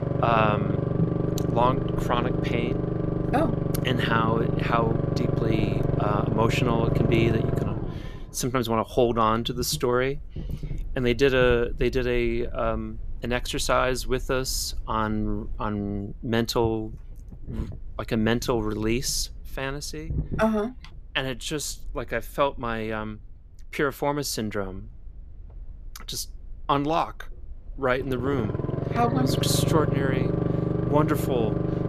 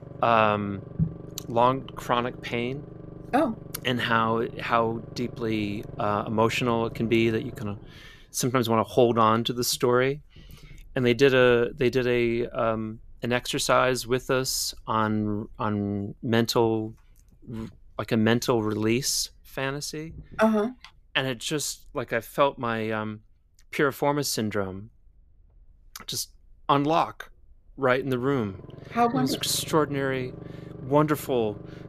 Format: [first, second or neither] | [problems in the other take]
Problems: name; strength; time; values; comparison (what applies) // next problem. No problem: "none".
second | low rumble; loud; throughout; 5 dB below the speech; faint in the second